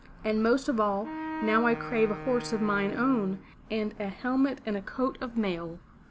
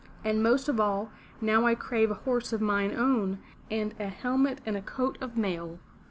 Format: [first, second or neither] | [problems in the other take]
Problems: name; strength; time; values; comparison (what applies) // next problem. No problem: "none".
second | background sound (Wind instrument, woodwind instrument); 10 dB below the speech